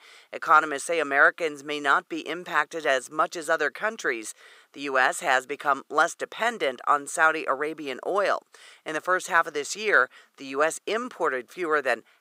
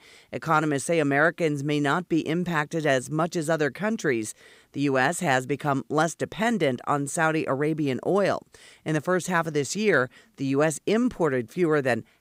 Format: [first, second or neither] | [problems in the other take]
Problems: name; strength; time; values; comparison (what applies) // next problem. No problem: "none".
second | thin; very; fading below 550 Hz